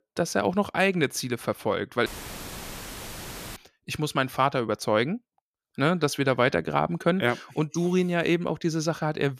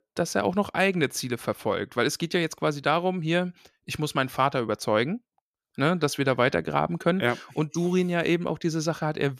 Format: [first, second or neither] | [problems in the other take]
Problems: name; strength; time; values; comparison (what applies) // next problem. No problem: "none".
second | audio cutting out; filled with static; at 2 s for 1.5 s